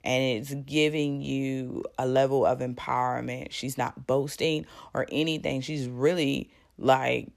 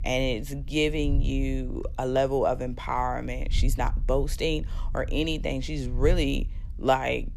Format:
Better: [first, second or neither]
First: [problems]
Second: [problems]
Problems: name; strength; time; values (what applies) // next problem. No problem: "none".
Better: first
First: none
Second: low rumble; faint; throughout; 25 dB below the speech